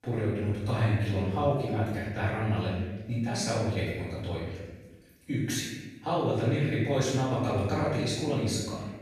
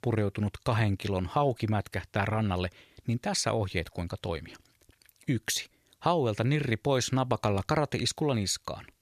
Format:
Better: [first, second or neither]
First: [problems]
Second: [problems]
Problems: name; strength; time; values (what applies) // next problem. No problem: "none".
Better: second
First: off-mic speech; far // room echo; strong; dies away in 1.1 s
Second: none